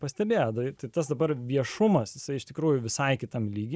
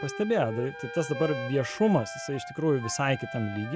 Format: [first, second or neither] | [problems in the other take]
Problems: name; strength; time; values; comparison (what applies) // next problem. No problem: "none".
first | background sound (Wind instrument, woodwind instrument + Trumpet); 10 dB below the speech